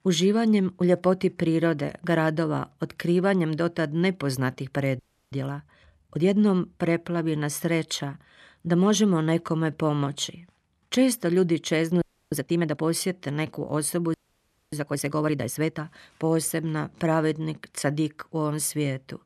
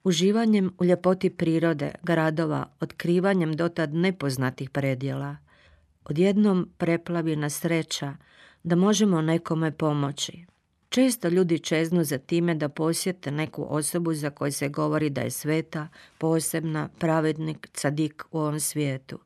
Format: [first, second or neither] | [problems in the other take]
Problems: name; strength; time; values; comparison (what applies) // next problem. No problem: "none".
second | audio freezing; at 5 s, at 12 s and at 14 s for 0.5 s